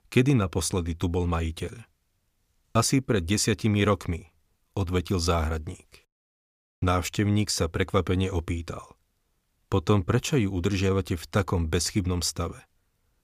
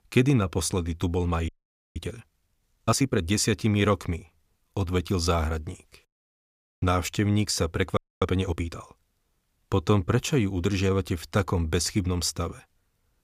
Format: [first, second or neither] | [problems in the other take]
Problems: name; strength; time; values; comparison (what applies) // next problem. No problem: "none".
first | audio freezing; at 1.5 s and at 8 s